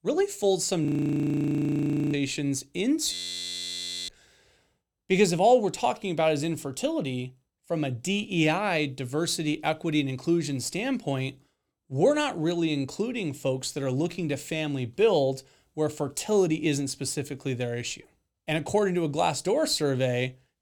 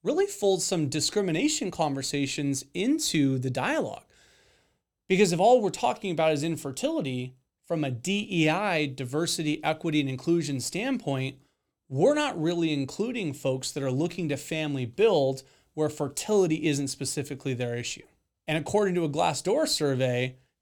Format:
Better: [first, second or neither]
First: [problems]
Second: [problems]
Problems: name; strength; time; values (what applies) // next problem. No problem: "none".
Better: second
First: audio freezing; at 1 s for 1.5 s and at 3 s for 1 s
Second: none